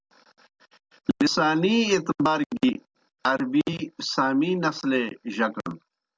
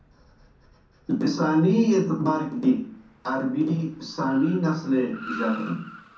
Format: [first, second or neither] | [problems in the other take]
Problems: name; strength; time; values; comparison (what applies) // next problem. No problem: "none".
first | background sound (Car); 19 dB below the speech // room echo; dies away in 0.6 s